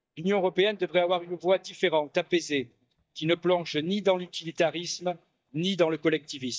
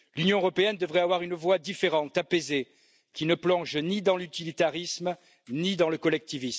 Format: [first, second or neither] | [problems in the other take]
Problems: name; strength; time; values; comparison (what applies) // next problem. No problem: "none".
second | noise reduction (neural mask model DeepFilterNet 3)